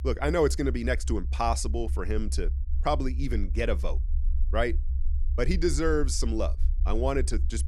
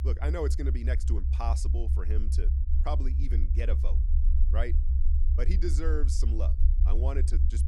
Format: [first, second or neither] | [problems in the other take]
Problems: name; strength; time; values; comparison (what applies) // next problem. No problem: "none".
first | low rumble; loud; throughout; 8 dB below the speech; faint in the first